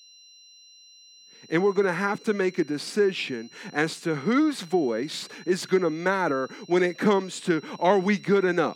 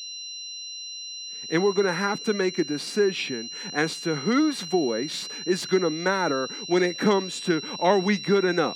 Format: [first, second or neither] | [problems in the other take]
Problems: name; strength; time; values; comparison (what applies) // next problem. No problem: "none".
first | high-pitched whine; loud; throughout; 4 kHz, 9 dB below the speech; faint in the first